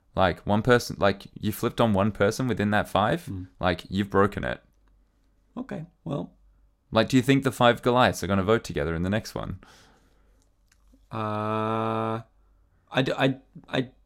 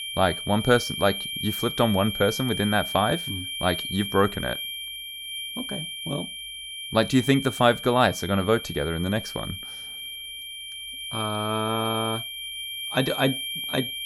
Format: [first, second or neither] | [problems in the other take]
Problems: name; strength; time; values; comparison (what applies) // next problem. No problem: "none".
first | high-pitched whine; loud; throughout; 3 kHz, 6 dB below the speech